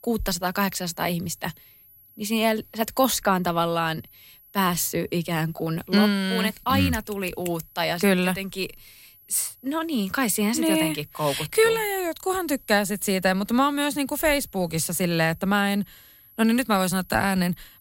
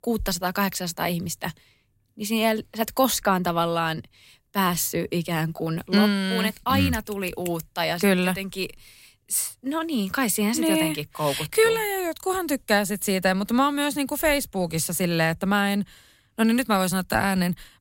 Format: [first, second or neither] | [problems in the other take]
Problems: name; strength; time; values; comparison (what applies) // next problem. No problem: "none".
second | high-pitched whine; faint; throughout; 11.5 kHz, 25 dB below the speech